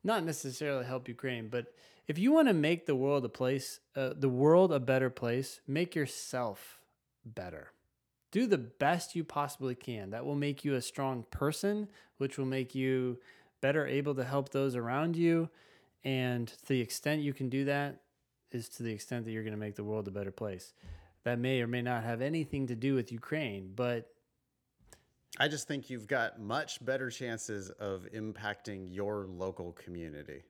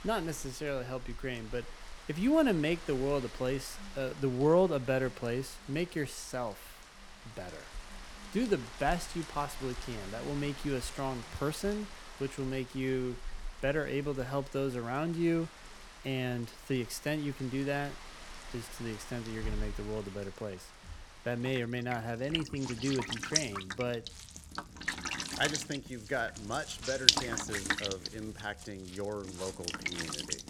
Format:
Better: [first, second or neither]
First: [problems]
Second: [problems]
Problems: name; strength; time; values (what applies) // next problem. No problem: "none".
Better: first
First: none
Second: rain or running water; loud; throughout; 2 dB below the speech